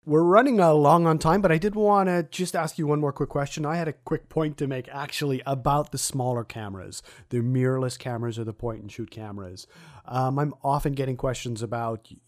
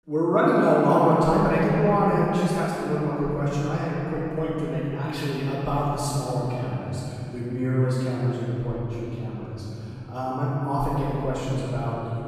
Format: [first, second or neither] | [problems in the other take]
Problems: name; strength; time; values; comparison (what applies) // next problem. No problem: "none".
first | off-mic speech; far // room echo; strong; dies away in 3 s